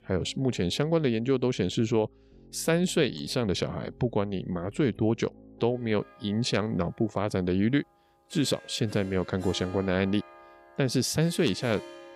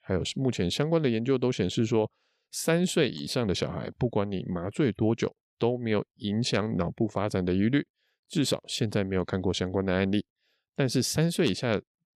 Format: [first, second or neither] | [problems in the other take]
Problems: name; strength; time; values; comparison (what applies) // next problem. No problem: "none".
second | background music; faint; throughout; 20 dB below the speech